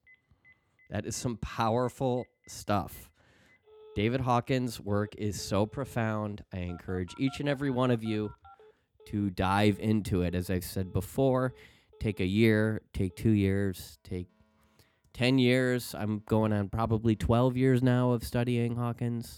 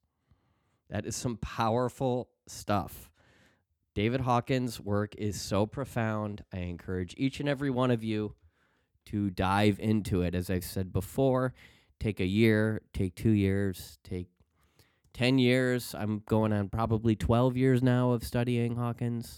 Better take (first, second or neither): second